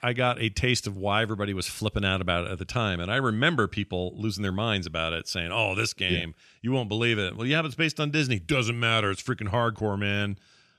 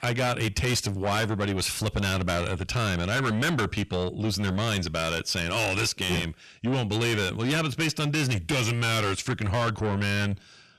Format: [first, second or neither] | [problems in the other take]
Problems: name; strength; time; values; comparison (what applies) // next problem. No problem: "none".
first | distortion; heavy; 5 dB below the speech